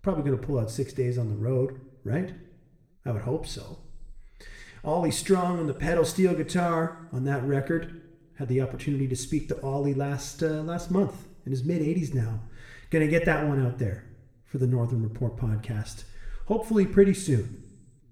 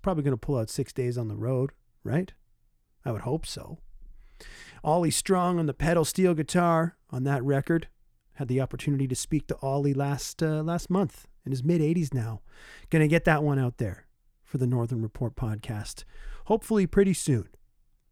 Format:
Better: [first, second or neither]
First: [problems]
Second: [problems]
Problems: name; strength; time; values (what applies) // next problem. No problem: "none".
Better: second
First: room echo; slight; dies away in 0.7 s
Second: none